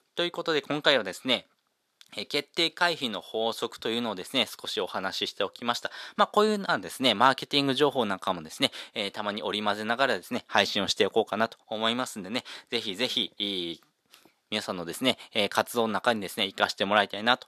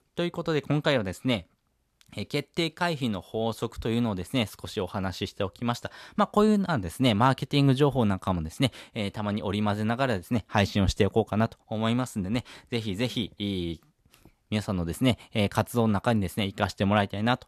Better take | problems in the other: second | thin; somewhat; fading below 350 Hz

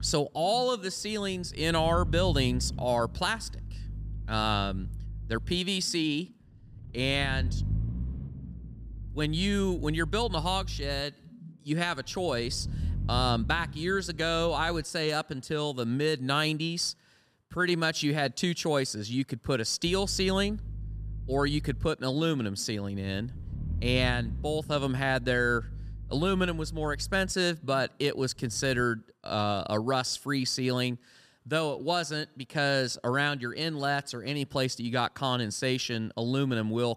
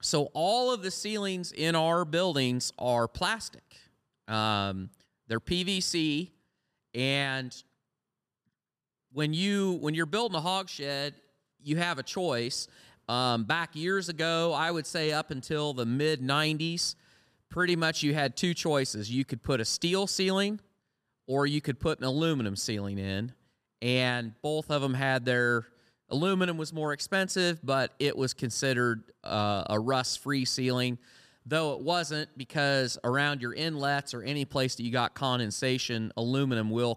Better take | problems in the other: second | low rumble; faint; until 15 s and from 20 to 29 s; 20 dB below the speech

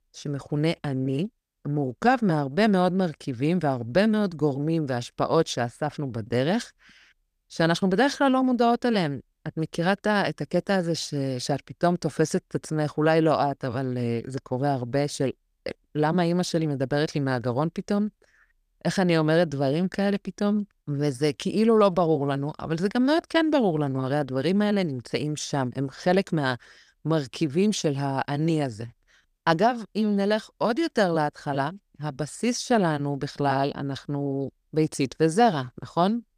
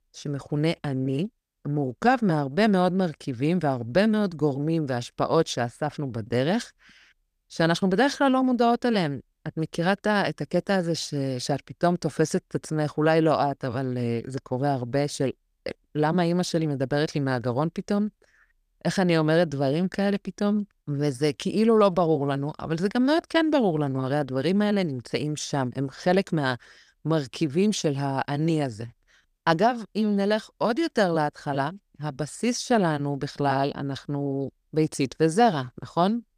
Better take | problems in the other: neither | none

